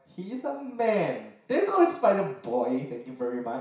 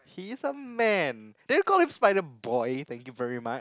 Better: second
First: room echo; dies away in 0.6 s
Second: none

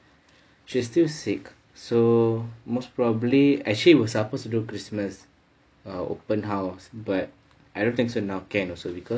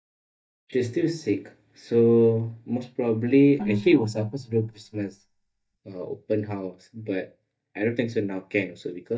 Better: first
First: none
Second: noise reduction (neural mask model DeepFilterNet 3)

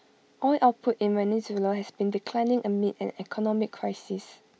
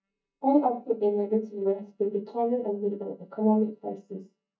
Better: first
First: none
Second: noise reduction (neural mask model DeepFilterNet 3)

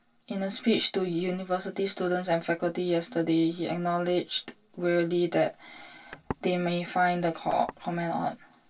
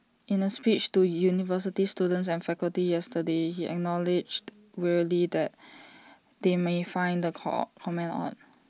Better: second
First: noise reduction (neural separator model SepFormer DNS4)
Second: none

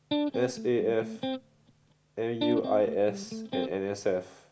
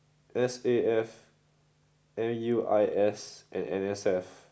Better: second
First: background sound (Electric guitar); 4 dB below the speech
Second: none

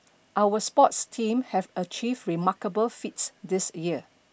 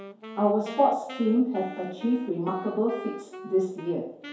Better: first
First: none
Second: background sound (Wind instrument, woodwind instrument); 14 dB below the speech // room echo; dies away in 2.4 s

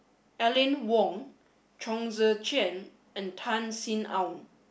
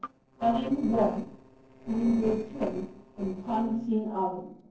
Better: first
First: none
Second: noise reduction (neural separator model SepFormer DNS4)

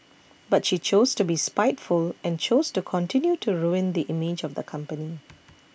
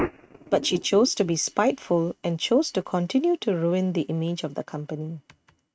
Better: first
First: none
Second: noise reduction (neural mask model RNNoise)

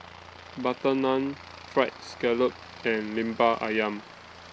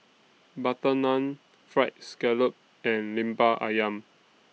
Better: second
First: background sound (Aircraft); 17 dB below the speech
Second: none

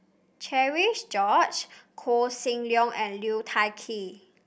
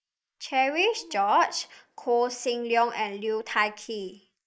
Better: first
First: none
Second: noise reduction (neural mask model Resemble Enhance denoiser)

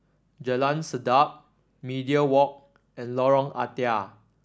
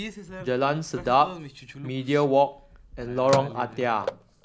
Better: first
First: none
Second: background sound (Telephone); 12 dB below the speech

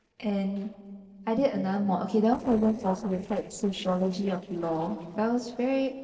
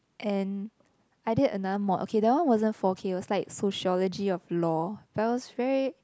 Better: second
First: noise reduction (neural separator model SepFormer DNS4)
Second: none

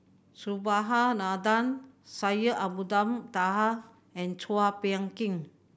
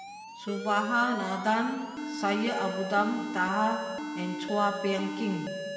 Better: first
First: none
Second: background sound (Alarm); 7 dB below the speech // room echo; dies away in 2.3 s

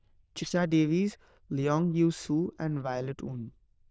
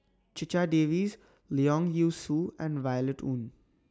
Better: second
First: noise reduction (neural diffusion model UNIVERSE++)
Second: none

